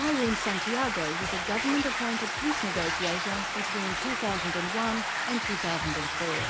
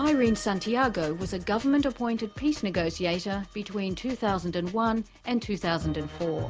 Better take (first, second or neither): second